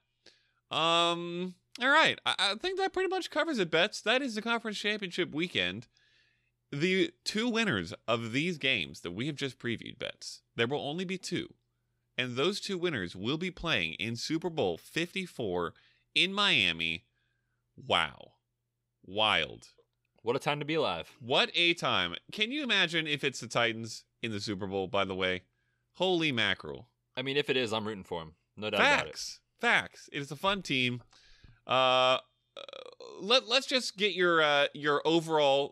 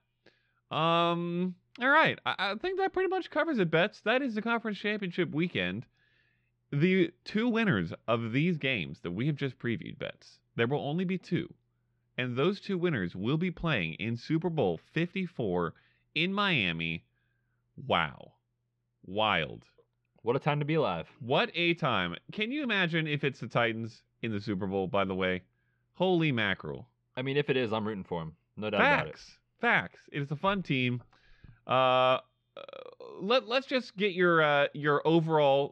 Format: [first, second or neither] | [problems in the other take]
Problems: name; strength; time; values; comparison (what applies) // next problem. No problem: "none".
first | muffled; slightly; fading above 2.5 kHz